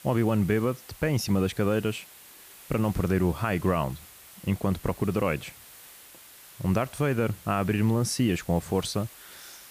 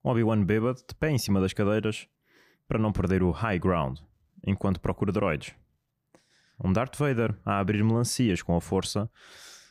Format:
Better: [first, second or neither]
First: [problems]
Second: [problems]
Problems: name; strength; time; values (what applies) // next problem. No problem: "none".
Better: second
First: hiss; noticeable; throughout; 20 dB below the speech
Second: none